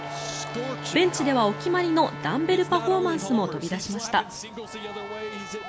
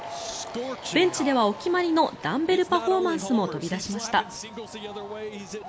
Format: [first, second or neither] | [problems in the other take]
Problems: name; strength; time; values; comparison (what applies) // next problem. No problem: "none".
second | background sound (Bowed string instrument + Trumpet); 13 dB below the speech